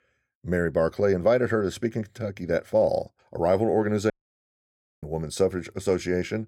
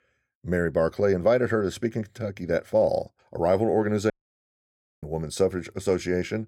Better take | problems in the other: neither | audio cutting out; at 4 s for 1 s; the same in both

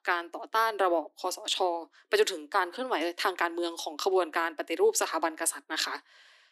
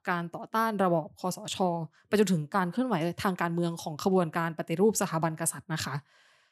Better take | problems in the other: second | thin; very; fading below 300 Hz

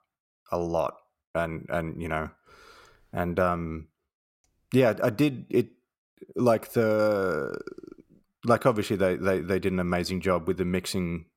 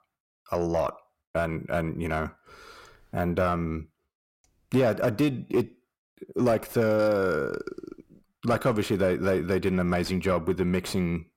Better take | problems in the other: first | distortion; slight; 10 dB below the speech

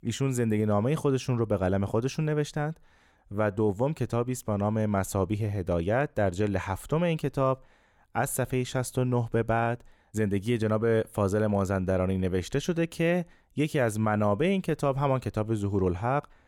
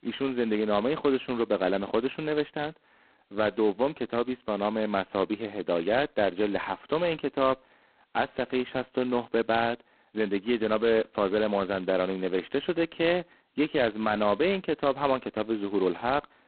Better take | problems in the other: first | phone-call audio; poor line; nothing above 4 kHz

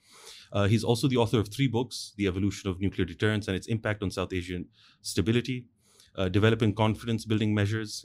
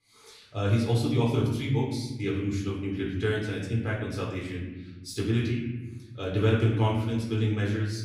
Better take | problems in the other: first | off-mic speech; far // room echo; noticeable; dies away in 1.4 s

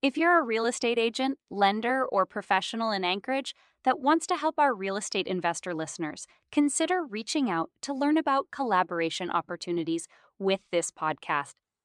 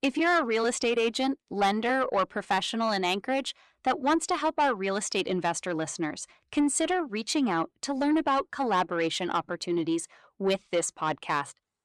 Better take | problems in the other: first | distortion; slight; 10 dB below the speech

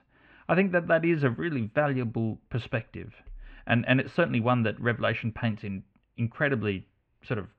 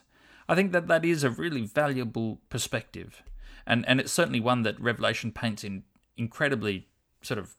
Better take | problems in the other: second | muffled; very; fading above 2.5 kHz

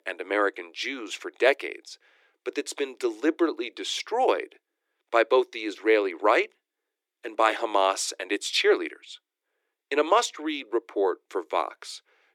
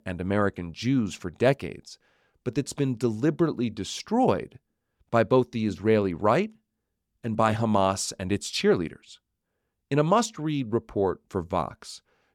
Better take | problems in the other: second | thin; very; fading below 300 Hz

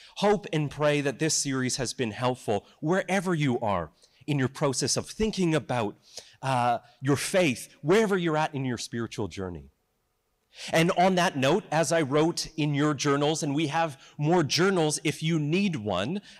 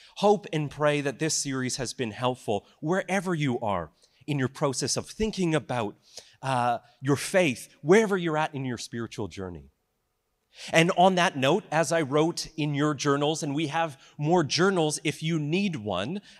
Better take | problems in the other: second | distortion; slight; 10 dB below the speech

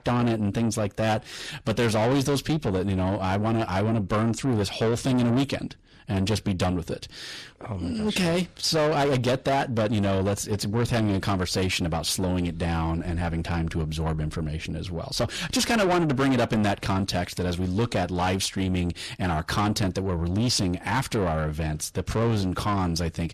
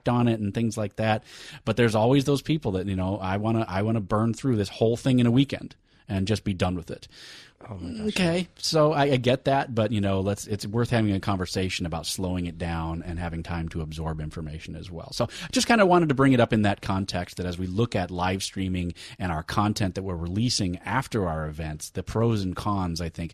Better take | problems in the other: second | distortion; heavy; 7 dB below the speech

